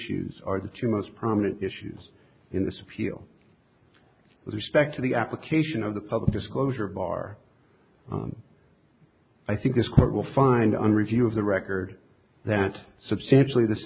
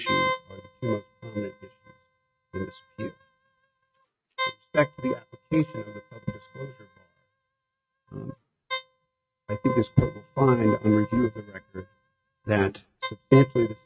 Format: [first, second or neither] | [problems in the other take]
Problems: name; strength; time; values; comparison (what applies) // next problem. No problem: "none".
first | noise reduction (neural mask model RNNoise)